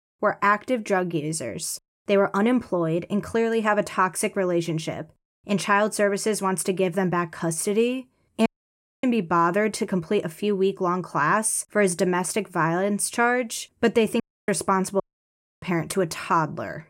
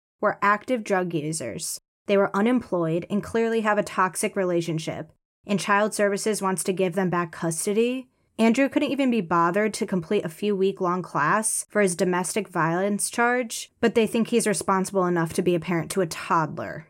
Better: second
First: audio cutting out; at 8.5 s for 0.5 s, at 14 s and at 15 s for 0.5 s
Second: none

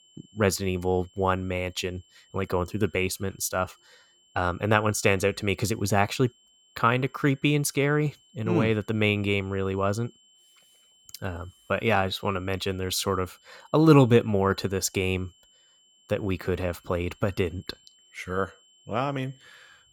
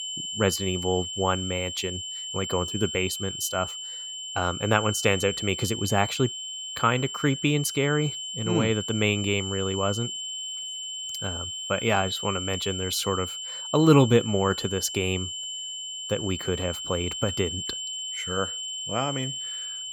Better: first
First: high-pitched whine; faint; throughout; 3 kHz, 30 dB below the speech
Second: high-pitched whine; loud; throughout; 3 kHz, 5 dB below the speech

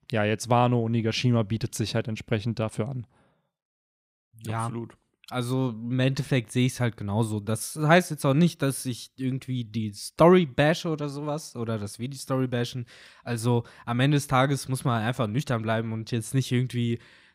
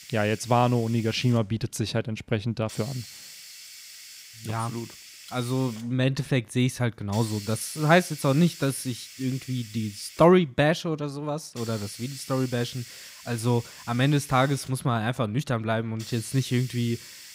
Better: first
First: none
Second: hiss; noticeable; throughout; 15 dB below the speech

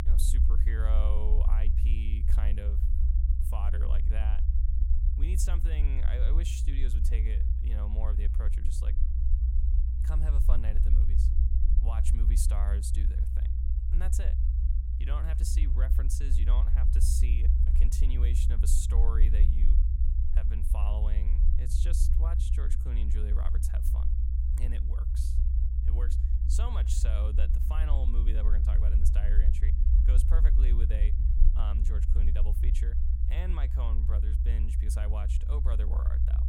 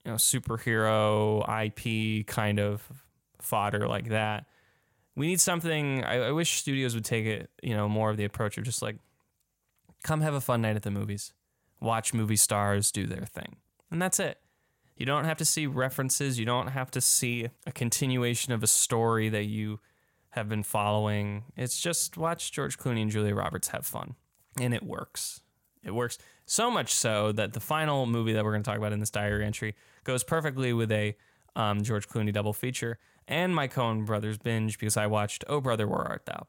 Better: second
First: low rumble; loud; throughout; 3 dB below the speech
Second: none

